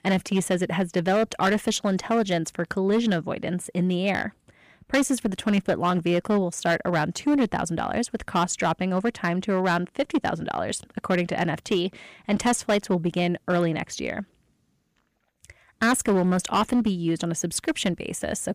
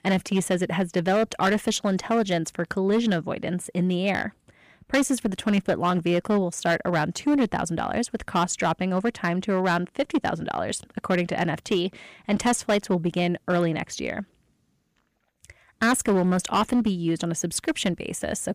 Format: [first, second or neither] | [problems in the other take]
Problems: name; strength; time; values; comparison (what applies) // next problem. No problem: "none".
neither | distortion; slight; 6% of the sound clipped; the same in both